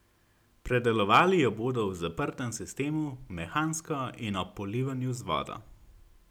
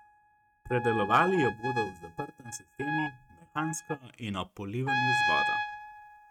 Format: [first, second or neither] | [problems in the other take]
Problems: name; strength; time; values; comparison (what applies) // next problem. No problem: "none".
first | noise reduction (neural mask model RNNoise)